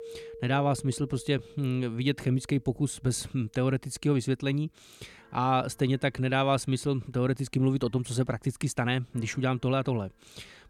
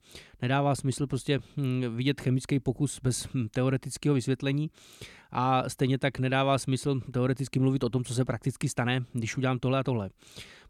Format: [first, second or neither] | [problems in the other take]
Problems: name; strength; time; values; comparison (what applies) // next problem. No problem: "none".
second | background music; faint; throughout; 25 dB below the speech